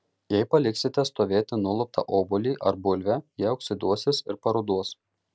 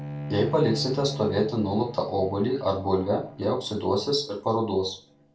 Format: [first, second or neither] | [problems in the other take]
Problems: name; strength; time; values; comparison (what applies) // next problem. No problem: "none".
first | background sound (Bowed string instrument); 12 dB below the speech // room echo; dies away in 0.3 s